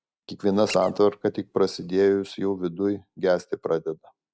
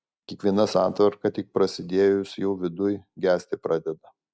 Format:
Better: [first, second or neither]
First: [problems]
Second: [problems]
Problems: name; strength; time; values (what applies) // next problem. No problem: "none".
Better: second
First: background sound (Squeak); 17 dB below the speech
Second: none